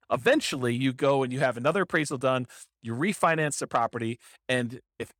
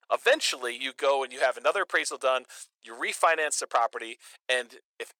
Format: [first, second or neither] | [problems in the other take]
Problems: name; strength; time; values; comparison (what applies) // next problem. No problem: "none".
first | thin; very; fading below 450 Hz